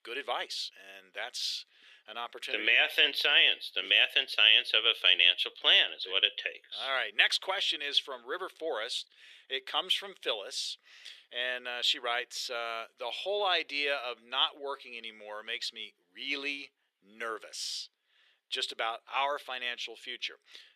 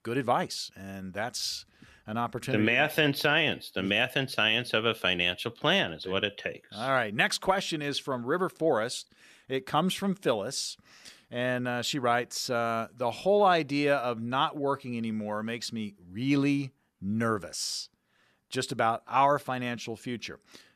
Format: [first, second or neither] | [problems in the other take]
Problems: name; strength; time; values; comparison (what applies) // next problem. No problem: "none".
second | thin; very; fading below 400 Hz